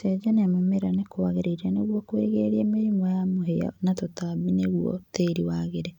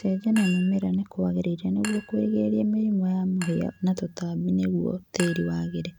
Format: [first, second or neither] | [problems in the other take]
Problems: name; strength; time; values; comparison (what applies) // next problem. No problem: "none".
first | background sound (Chink, clink); 18 dB below the speech